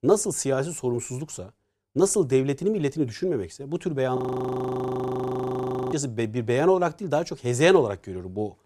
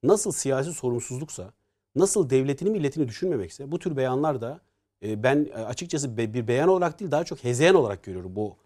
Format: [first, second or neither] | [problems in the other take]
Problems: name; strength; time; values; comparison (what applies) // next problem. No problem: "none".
second | audio freezing; at 4 s for 2 s